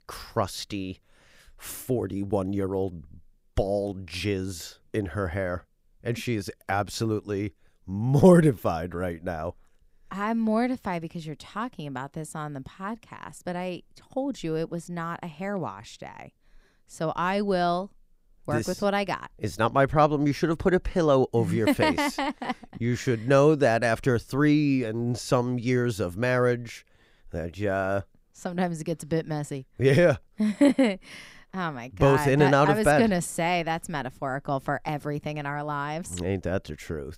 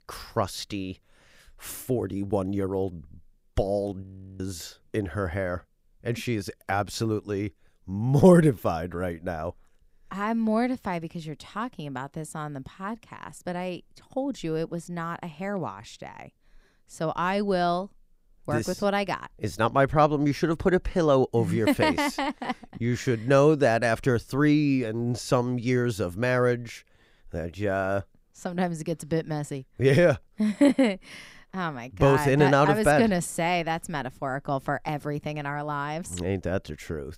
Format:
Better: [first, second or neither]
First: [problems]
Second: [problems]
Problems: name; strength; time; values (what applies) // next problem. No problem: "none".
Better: first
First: none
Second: audio freezing; at 4 s